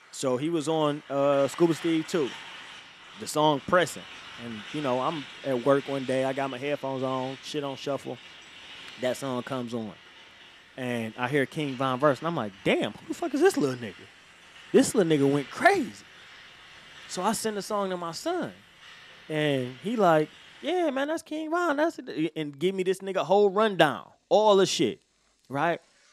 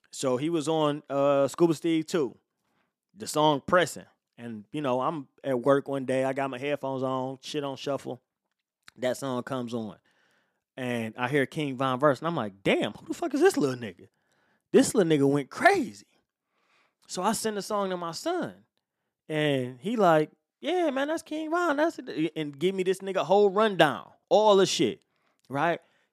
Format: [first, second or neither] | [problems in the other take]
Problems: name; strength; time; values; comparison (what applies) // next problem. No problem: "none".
second | traffic noise; noticeable; throughout; 20 dB below the speech